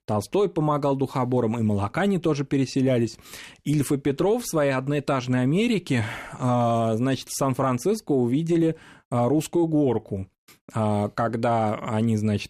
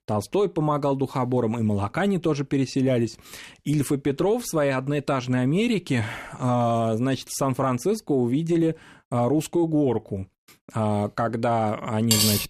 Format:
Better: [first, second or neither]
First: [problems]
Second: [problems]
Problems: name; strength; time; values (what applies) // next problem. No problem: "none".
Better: first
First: none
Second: clattering dishes; very faint; at 12 s; peak 4 dB above the speech